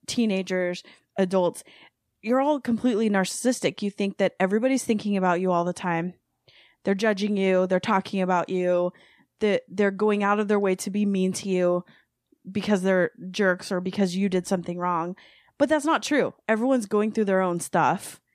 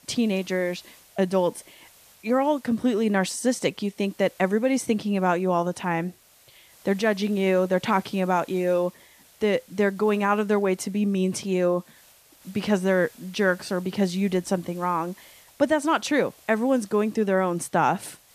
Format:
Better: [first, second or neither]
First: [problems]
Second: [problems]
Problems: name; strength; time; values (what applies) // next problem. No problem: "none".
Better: first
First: none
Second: hiss; faint; throughout; 25 dB below the speech